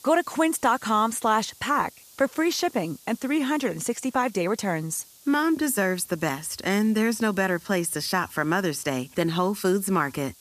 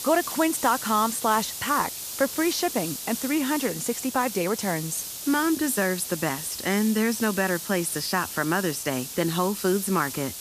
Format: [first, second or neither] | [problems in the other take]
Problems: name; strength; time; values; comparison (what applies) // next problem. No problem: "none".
first | hiss; loud; throughout; 7 dB below the speech; faint in the first